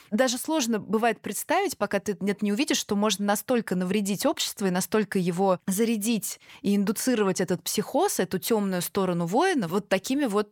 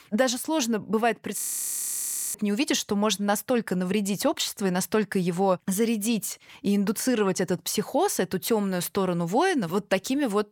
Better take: first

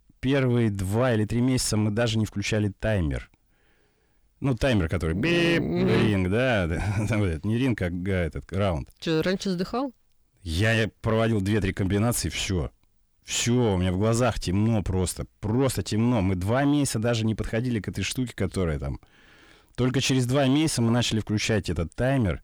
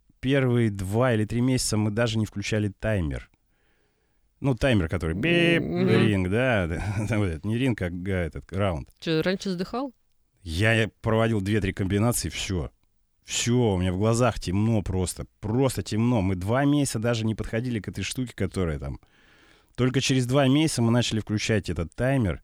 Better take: second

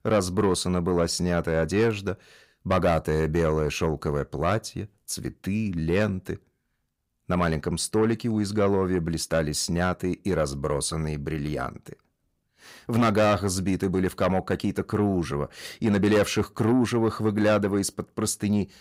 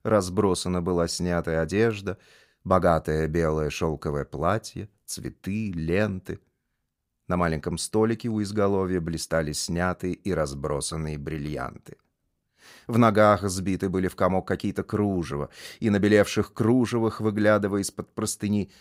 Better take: second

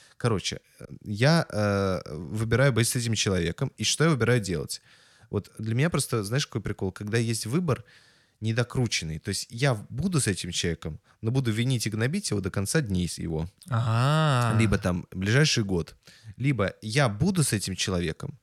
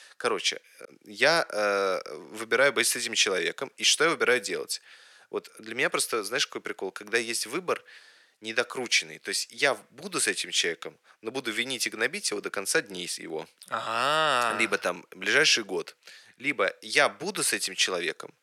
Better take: first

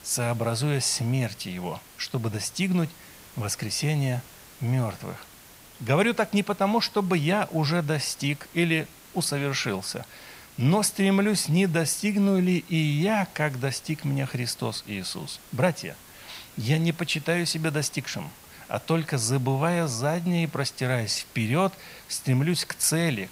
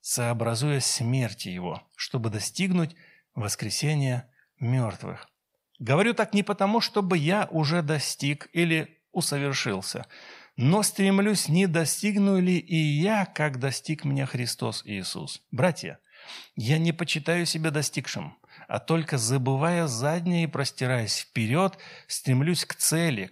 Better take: second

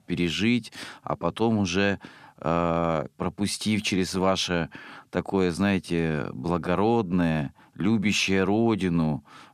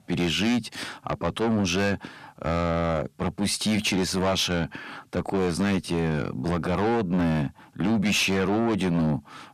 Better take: first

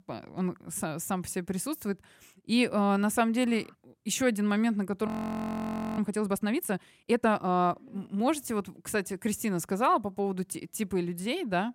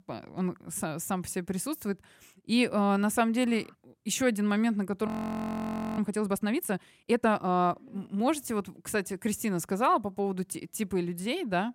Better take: neither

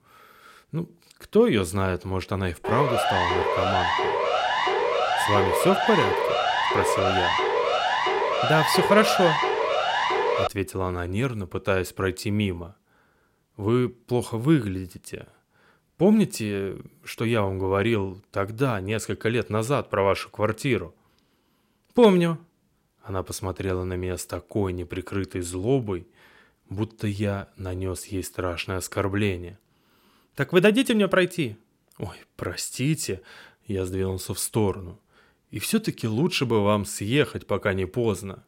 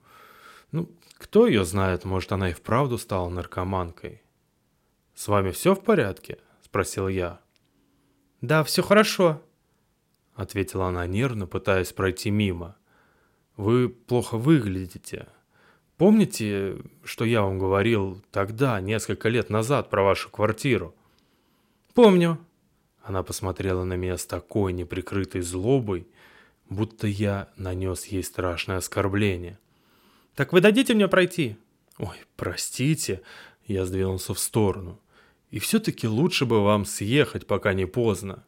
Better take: second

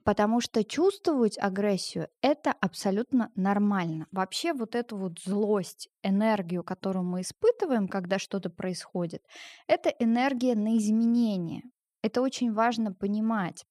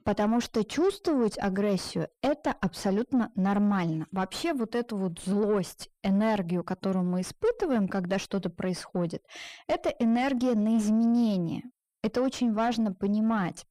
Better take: first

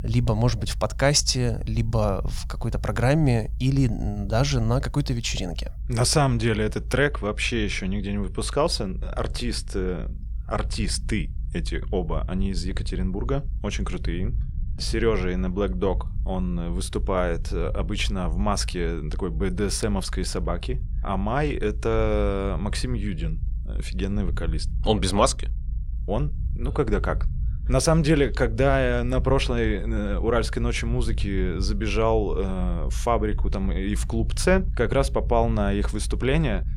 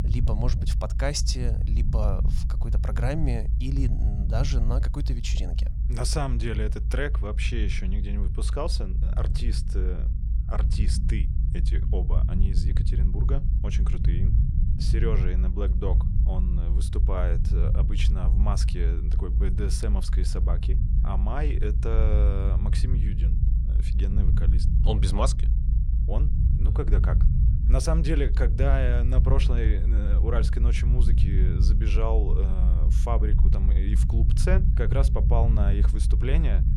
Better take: first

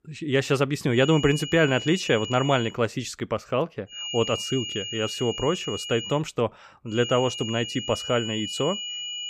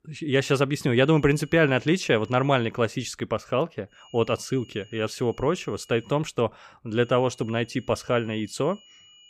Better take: second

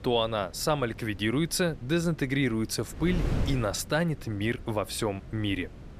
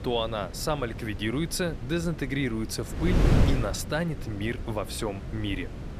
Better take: first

